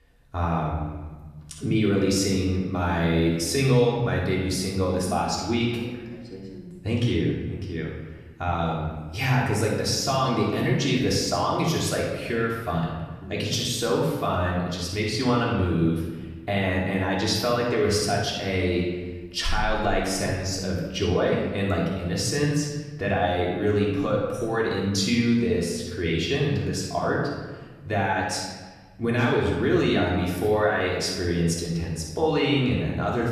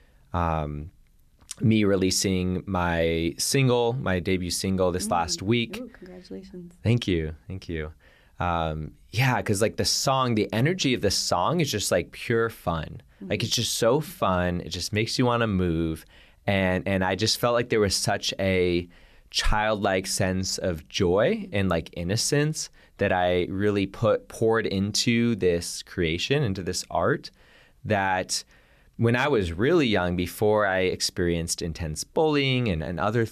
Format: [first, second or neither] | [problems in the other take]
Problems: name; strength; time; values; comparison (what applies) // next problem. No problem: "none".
second | off-mic speech; far // room echo; noticeable; dies away in 1.2 s